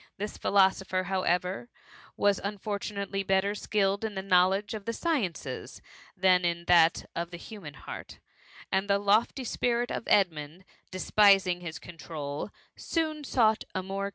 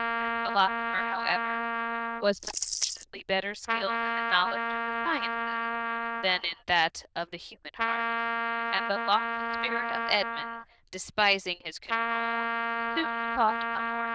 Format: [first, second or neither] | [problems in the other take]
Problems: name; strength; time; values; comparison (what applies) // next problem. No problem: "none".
first | noise reduction (neural diffusion model UNIVERSE++)